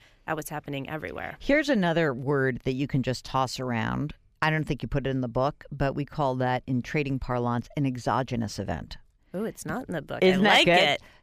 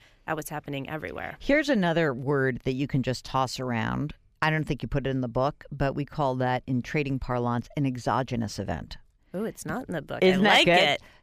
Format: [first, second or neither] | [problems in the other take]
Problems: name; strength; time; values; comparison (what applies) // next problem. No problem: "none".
neither | none